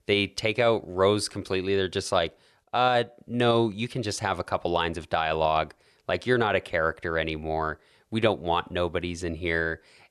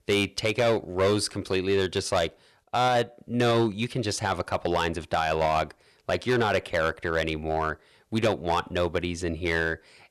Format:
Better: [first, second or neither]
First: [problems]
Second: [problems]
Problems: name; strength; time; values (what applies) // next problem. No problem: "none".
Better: first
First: none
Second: distortion; slight; 5% of the sound clipped